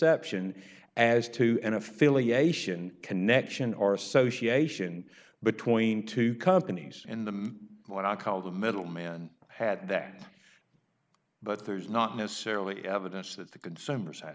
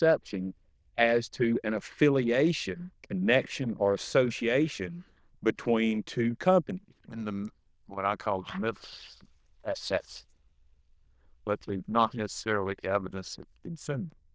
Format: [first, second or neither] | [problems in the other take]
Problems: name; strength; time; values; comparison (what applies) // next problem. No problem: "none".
first | noise reduction (neural diffusion model UNIVERSE++)